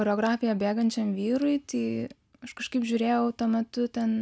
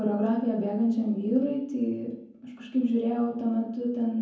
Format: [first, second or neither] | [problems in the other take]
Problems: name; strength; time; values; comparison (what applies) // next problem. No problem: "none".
first | room echo; dies away in 0.7 s